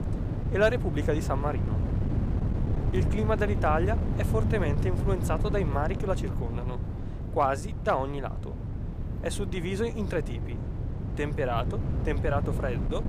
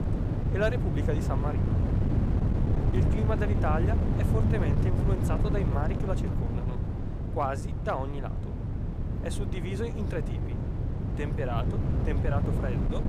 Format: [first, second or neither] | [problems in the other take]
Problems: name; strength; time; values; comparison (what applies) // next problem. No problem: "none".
first | wind noise on the microphone; heavy; 3 dB below the speech; occasional gusts in the first